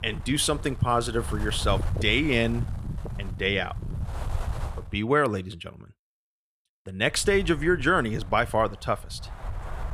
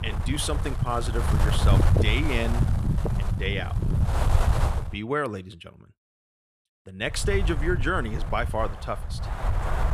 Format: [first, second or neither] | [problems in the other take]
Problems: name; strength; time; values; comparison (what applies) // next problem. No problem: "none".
first | wind noise on the microphone; heavy; until 5 s and from 7 s on; 5 dB below the speech; occasional gusts in the first